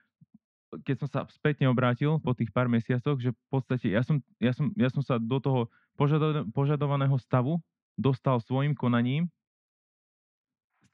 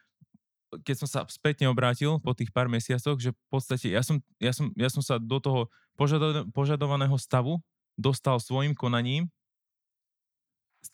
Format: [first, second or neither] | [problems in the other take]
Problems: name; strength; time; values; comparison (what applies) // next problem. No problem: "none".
second | muffled; very; fading above 2.5 kHz